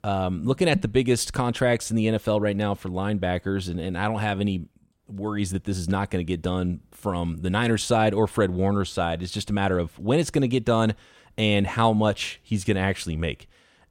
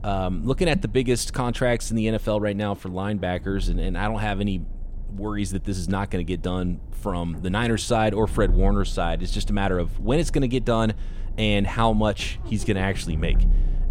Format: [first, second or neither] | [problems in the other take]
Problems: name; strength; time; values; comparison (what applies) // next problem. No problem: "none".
first | low rumble; faint; throughout; 20 dB below the speech